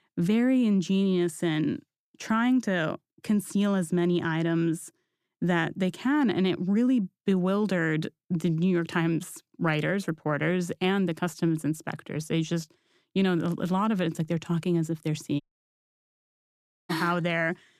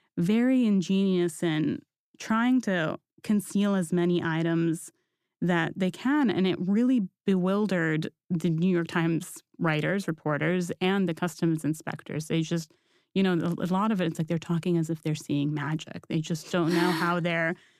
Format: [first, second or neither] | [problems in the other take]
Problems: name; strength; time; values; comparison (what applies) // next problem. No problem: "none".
second | audio cutting out; at 15 s for 1.5 s